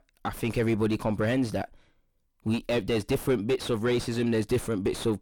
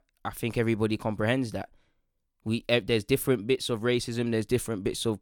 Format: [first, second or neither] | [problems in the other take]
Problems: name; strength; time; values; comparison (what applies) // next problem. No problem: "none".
second | distortion; heavy; 6 dB below the speech